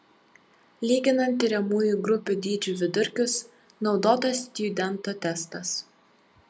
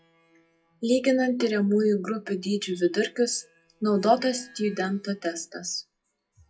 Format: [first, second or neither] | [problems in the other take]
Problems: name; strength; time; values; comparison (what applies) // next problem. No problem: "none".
first | noise reduction (classical method WPE with log-MMSE)